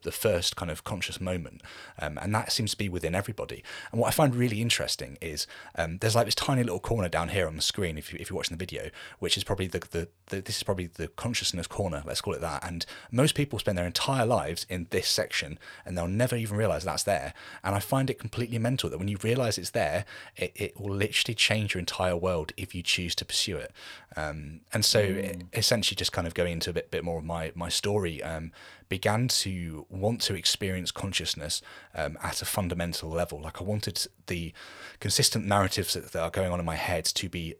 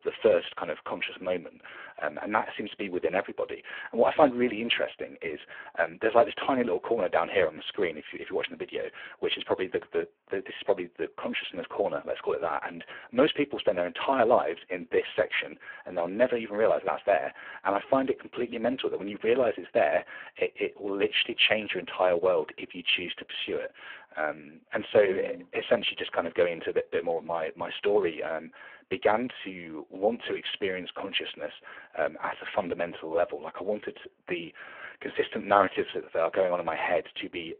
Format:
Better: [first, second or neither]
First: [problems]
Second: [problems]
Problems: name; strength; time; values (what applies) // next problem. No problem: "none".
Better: first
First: none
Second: phone-call audio; poor line; nothing above 3 kHz